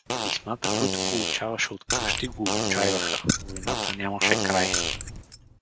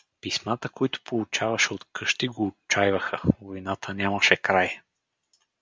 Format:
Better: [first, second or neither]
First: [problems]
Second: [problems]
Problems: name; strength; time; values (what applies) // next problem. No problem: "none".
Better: second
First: background sound (Keys jangling + Fart); 2 dB above the speech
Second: none